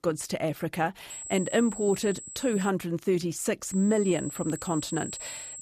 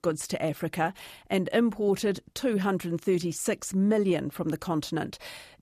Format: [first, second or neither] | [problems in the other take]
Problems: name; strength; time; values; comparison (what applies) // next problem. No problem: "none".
second | high-pitched whine; loud; from 1 to 2.5 s and from 3.5 s on; 7.5 kHz, 10 dB below the speech